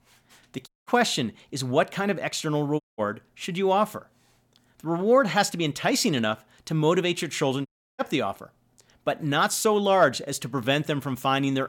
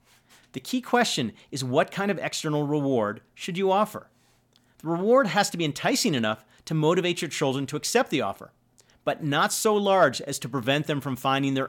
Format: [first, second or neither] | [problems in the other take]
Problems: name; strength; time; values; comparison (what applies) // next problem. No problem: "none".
second | audio cutting out; at 0.5 s, at 3 s and at 7.5 s